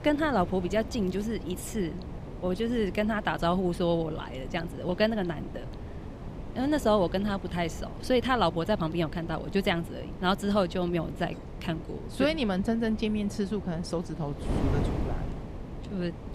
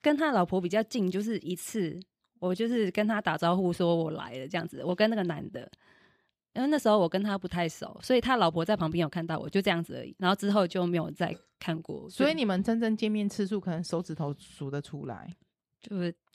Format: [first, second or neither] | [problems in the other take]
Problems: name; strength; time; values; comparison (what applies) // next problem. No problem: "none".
second | wind noise on the microphone; occasional gusts; 15 dB below the speech